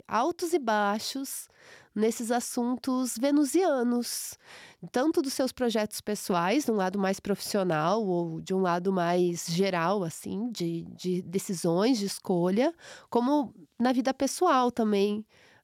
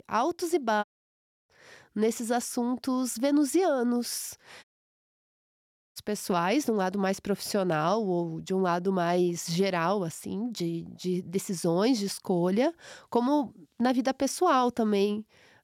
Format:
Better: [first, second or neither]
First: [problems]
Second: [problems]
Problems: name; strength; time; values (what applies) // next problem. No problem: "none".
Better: first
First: none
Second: audio cutting out; at 1 s for 0.5 s and at 4.5 s for 1.5 s